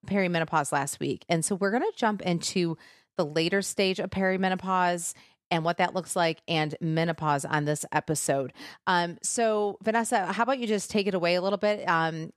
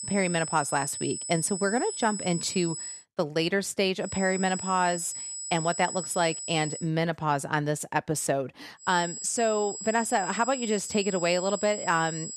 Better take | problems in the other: first | high-pitched whine; loud; until 3 s, from 4 to 7 s and from 9 s on; 7.5 kHz, 7 dB below the speech

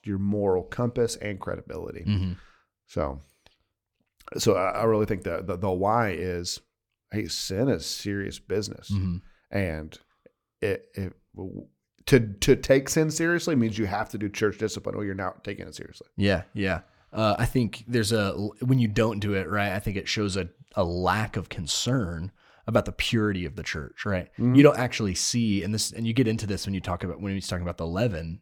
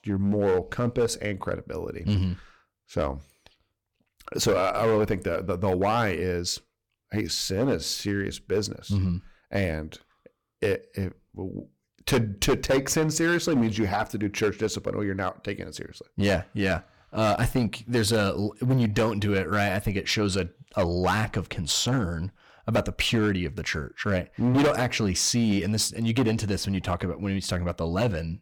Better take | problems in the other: first | distortion; heavy; 6% of the sound clipped

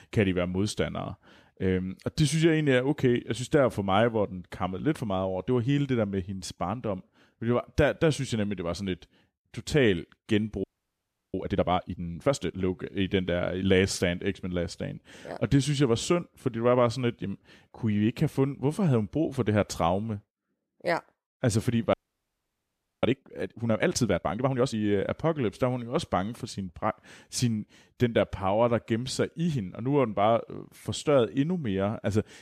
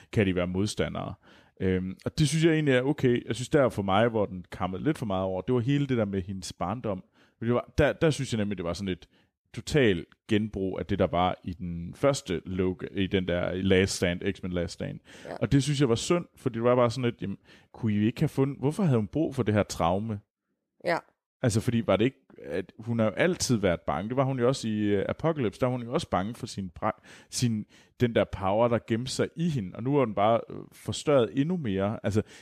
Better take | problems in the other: second | audio freezing; at 11 s for 0.5 s and at 22 s for 1 s

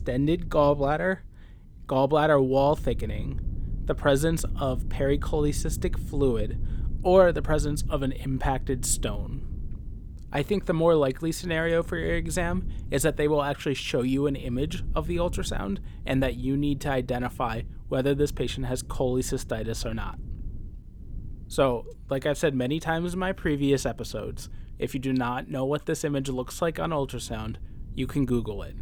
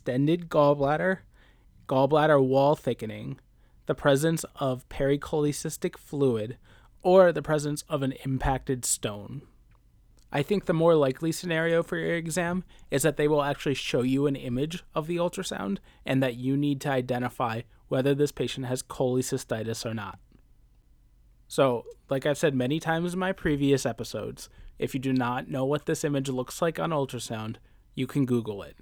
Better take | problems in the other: second | low rumble; faint; throughout; 25 dB below the speech

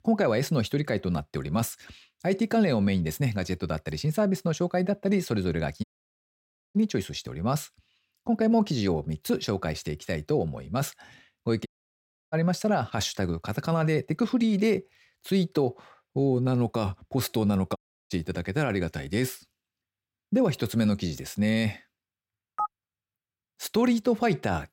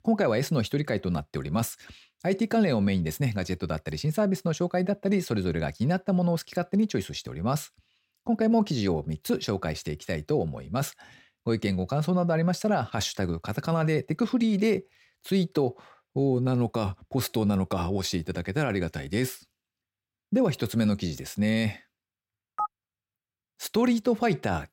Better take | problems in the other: second | audio cutting out; at 6 s for 1 s, at 12 s for 0.5 s and at 18 s

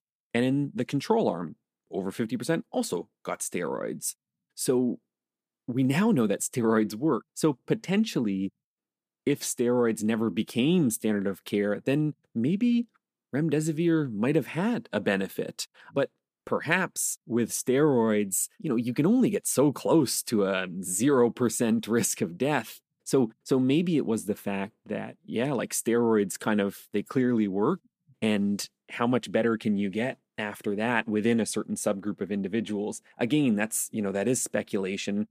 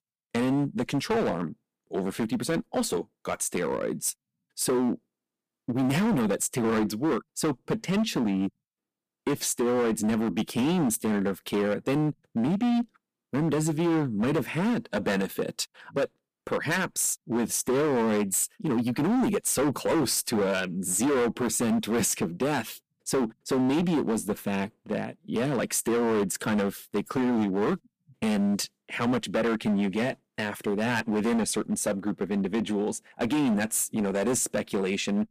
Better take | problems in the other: first | distortion; heavy; 17% of the sound clipped

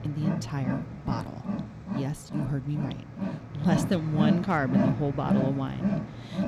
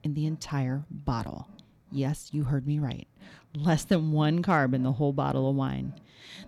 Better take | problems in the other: second | animal sounds; loud; throughout; 1 dB below the speech; faint in the second

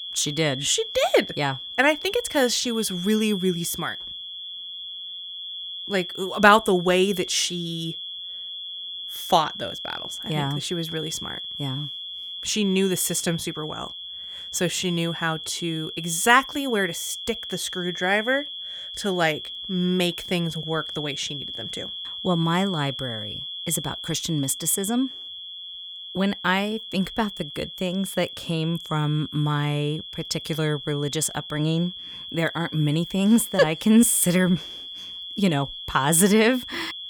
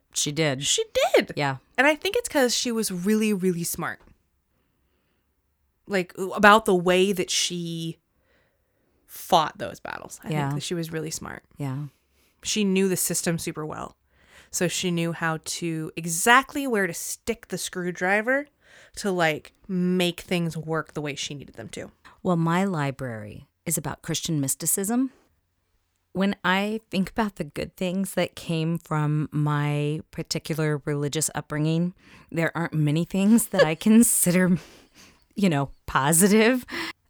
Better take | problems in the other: second | high-pitched whine; loud; throughout; 3.5 kHz, 9 dB below the speech

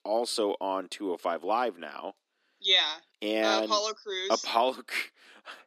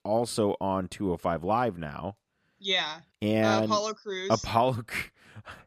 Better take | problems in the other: second | thin; somewhat; fading below 250 Hz

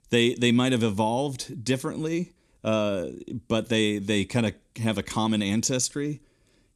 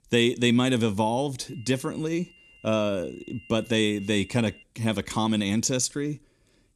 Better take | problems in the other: first | high-pitched whine; faint; from 1.5 to 4.5 s; 3 kHz, 25 dB below the speech

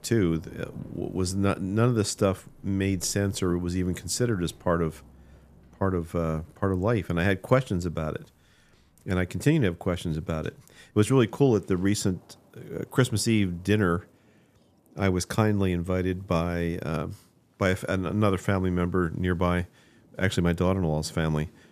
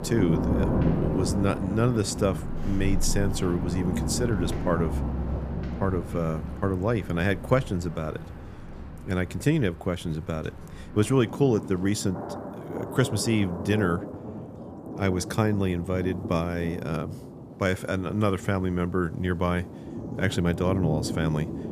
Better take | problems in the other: first | rain or running water; loud; throughout; 6 dB below the speech; faint in the first

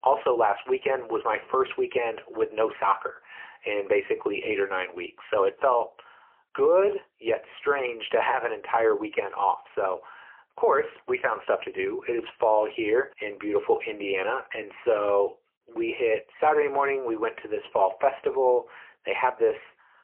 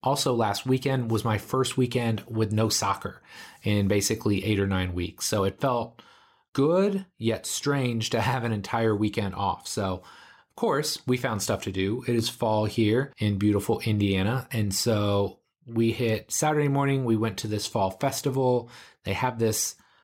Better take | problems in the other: second | phone-call audio; poor line; nothing above 3 kHz

